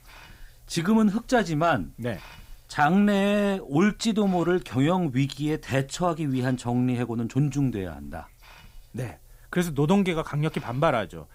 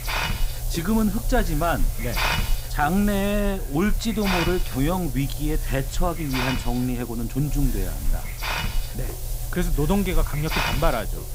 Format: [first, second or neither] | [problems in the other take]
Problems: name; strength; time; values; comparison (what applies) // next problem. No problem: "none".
first | hiss; loud; throughout; 3 dB below the speech; faint in the first